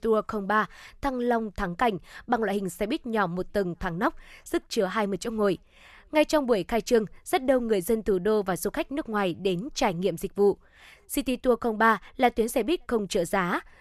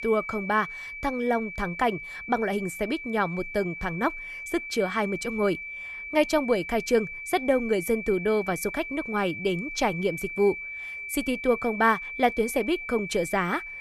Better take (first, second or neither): first